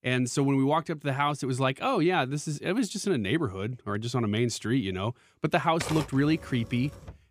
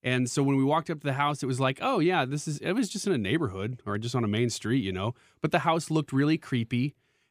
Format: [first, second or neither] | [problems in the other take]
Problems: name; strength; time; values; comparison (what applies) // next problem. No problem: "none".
second | keyboard typing; noticeable; from 5.5 s on; peak 7 dB below the speech